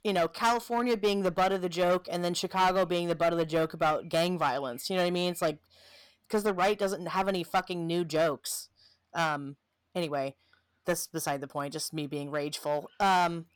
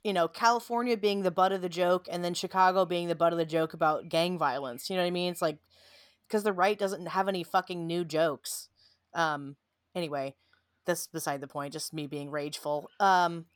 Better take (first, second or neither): second